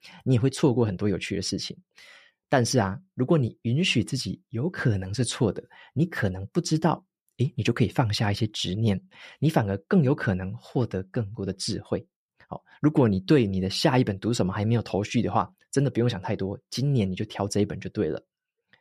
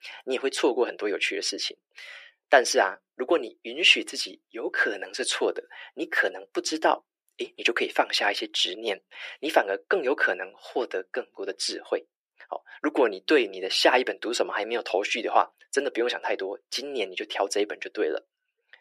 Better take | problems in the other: first | thin; very; fading below 350 Hz

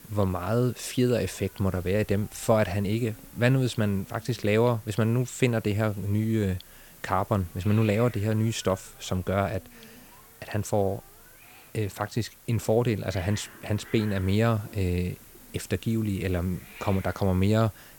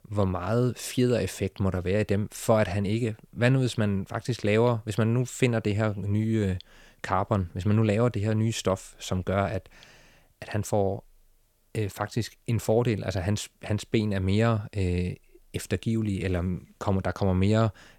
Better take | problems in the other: second | hiss; noticeable; throughout; 20 dB below the speech

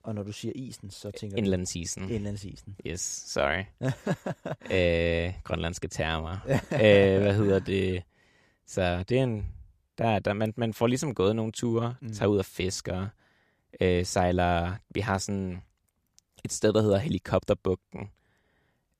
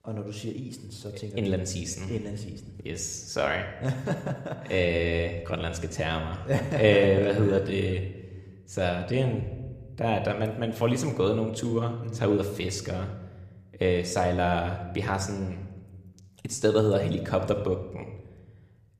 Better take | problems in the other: first | room echo; slight; dies away in 0.9 s

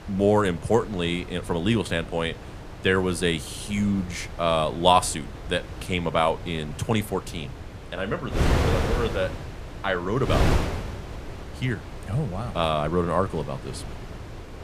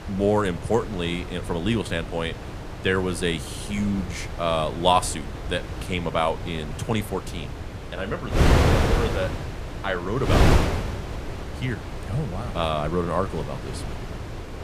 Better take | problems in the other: first | wind noise on the microphone; heavy; 5 dB below the speech; occasional gusts in the first

